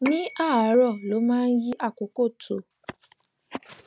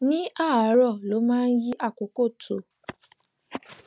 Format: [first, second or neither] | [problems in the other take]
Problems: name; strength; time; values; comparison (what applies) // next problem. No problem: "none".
second | background sound (Bell / Telephone); 17 dB below the speech